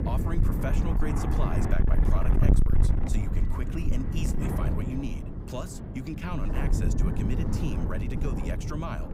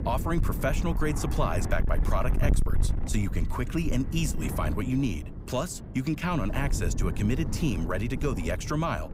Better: second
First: wind noise on the microphone; heavy; 1 dB above the speech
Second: wind noise on the microphone; occasional gusts; 10 dB below the speech

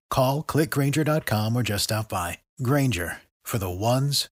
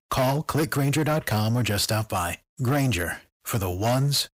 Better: first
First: none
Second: distortion; slight; 11% of the sound clipped

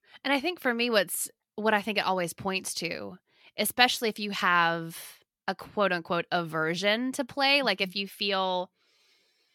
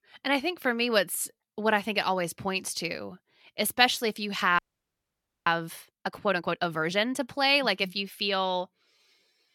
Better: first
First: none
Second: audio freezing; at 4.5 s for 1 s

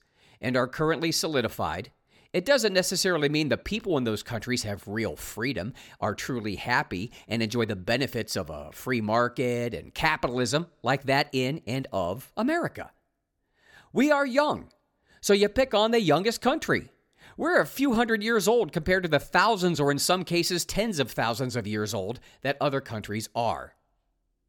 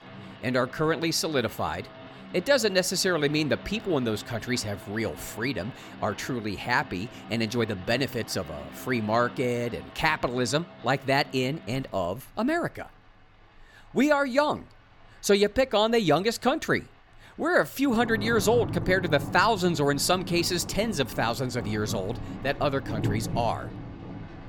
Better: first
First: none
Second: rain or running water; noticeable; throughout; 15 dB below the speech

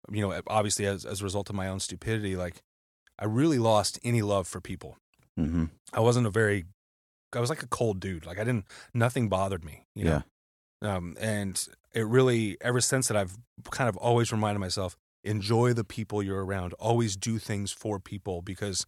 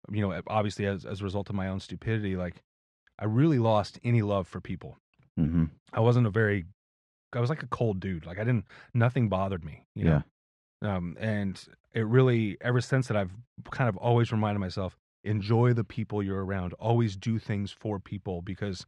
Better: first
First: none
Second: muffled; slightly; fading above 2.5 kHz

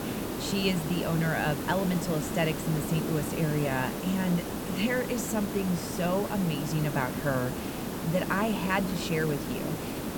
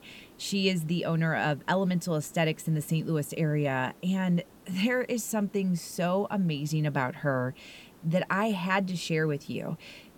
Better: second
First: hiss; loud; throughout; 4 dB below the speech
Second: hiss; faint; throughout; 25 dB below the speech

